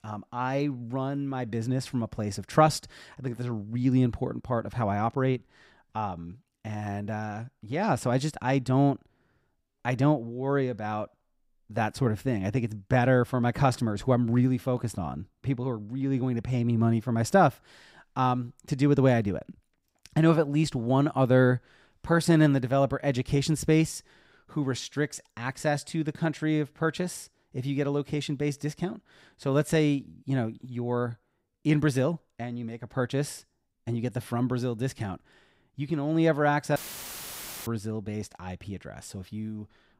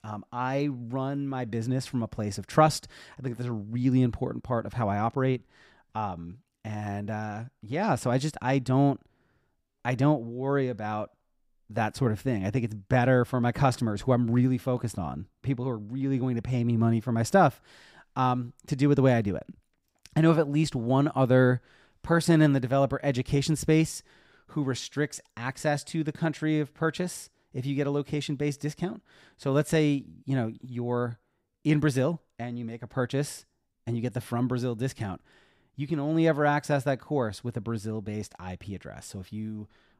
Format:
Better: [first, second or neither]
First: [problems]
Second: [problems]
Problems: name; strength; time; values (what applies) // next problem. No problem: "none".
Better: second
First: audio cutting out; filled with static; at 37 s for 1 s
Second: none